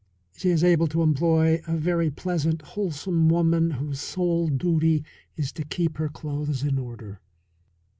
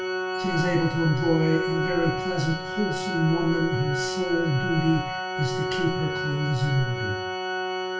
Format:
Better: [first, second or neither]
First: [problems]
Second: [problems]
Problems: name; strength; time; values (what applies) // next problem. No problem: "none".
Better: first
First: none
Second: background sound (Organ); 3 dB below the speech // room echo; dies away in 0.3 s